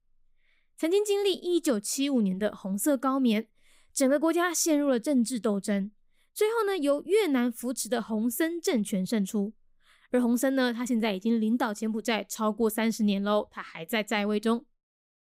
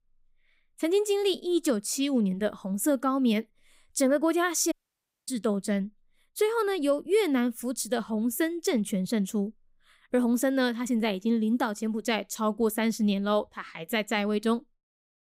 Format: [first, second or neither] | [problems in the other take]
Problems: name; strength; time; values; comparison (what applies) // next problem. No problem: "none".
first | audio cutting out; at 4.5 s for 0.5 s